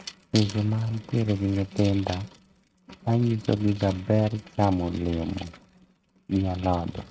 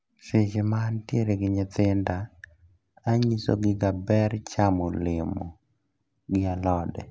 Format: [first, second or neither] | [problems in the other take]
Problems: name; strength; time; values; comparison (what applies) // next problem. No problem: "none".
second | noise reduction (neural mask model RNNoise)